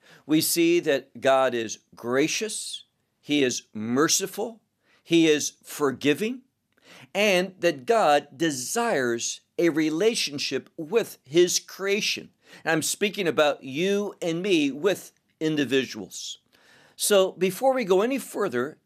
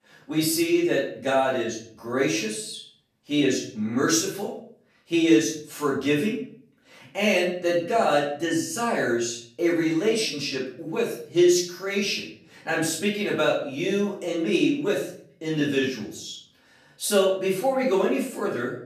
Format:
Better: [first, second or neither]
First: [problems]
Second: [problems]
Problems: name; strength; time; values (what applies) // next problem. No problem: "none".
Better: first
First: none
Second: room echo; noticeable; dies away in 0.5 s // off-mic speech; far